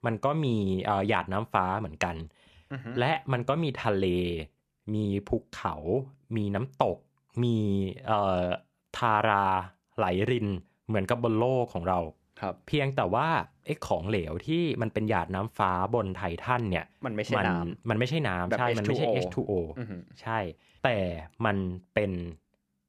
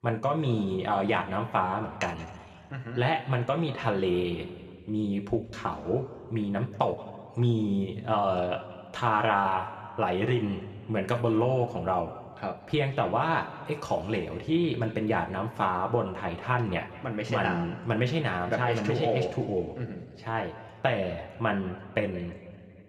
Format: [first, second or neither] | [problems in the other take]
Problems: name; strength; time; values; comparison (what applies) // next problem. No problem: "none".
first | room echo; slight; dies away in 1.7 s